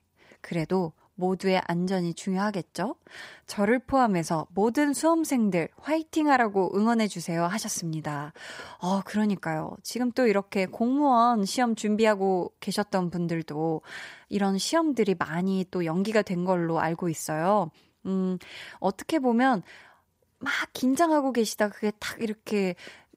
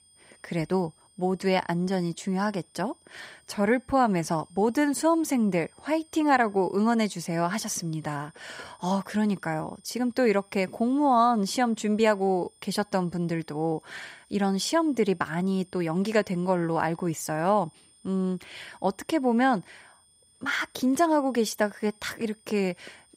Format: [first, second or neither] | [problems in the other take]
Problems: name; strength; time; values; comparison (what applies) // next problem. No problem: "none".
first | high-pitched whine; faint; throughout; 9 kHz, 30 dB below the speech